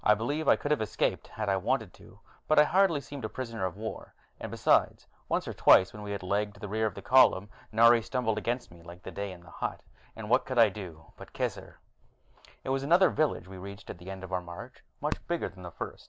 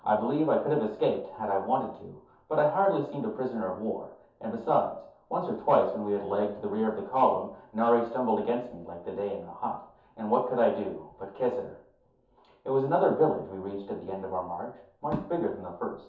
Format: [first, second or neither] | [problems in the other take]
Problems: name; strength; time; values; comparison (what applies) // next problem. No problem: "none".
first | room echo; dies away in 0.5 s